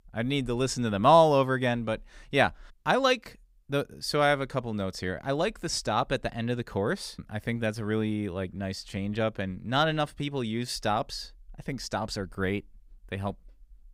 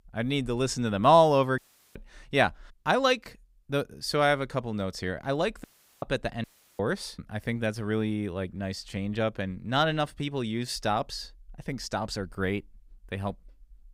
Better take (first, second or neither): first